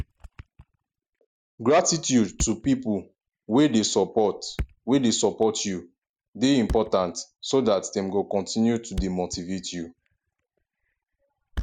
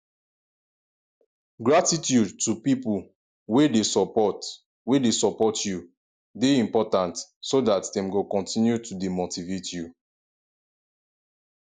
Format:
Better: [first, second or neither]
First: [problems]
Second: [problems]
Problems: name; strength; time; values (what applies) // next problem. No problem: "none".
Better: second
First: background sound (Thump, thud); 14 dB below the speech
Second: none